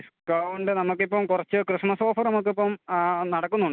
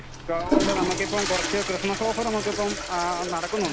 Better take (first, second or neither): first